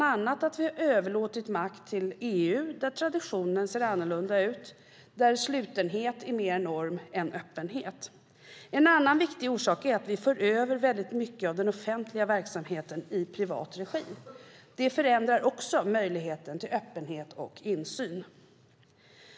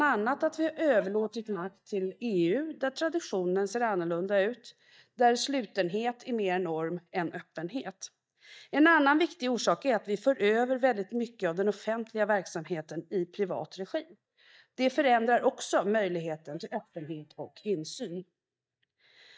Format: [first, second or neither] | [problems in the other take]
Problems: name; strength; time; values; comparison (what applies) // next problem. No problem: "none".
first | noise reduction (neural mask model DeepFilterNet 3)